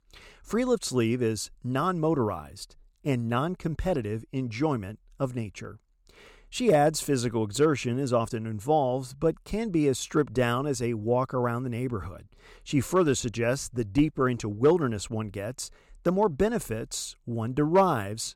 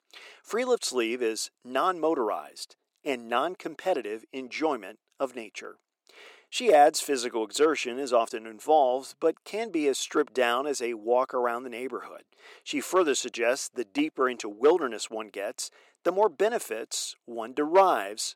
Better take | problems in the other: first | thin; somewhat; fading below 300 Hz

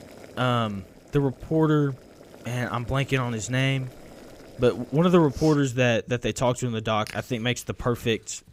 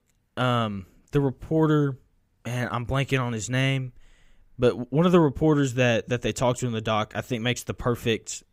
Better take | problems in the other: second | household noises; faint; throughout; 20 dB below the speech

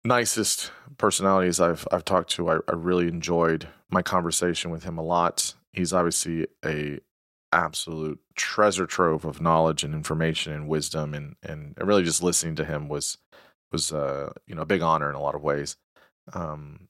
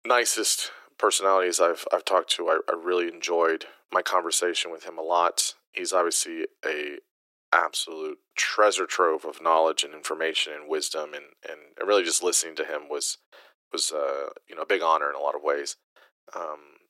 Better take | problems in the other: first | thin; very; fading below 350 Hz

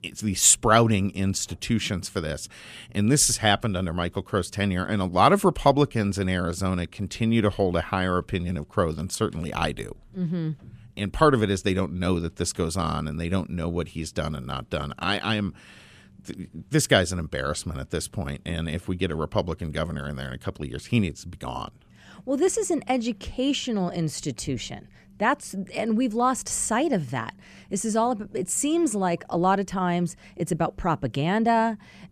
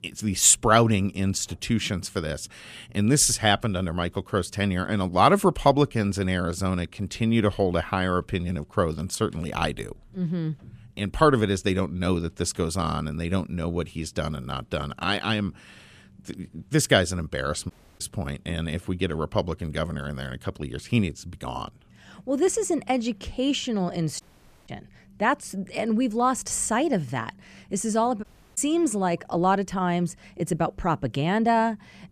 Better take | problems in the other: first | audio cutting out; at 18 s, at 24 s and at 28 s

